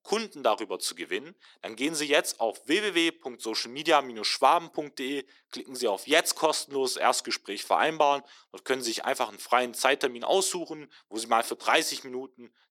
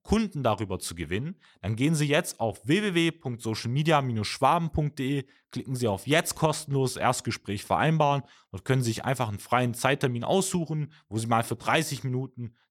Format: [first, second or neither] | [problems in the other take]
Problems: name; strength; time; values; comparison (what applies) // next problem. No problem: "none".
second | thin; somewhat; fading below 300 Hz